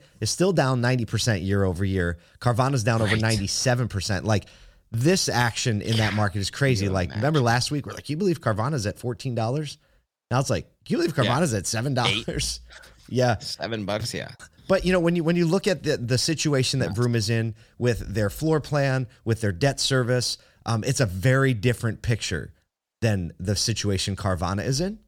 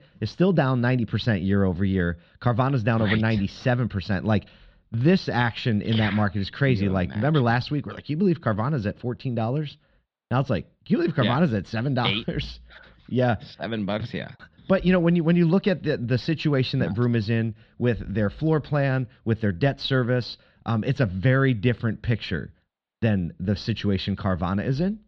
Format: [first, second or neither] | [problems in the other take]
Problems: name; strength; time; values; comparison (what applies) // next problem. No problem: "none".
first | muffled; slightly; fading above 4 kHz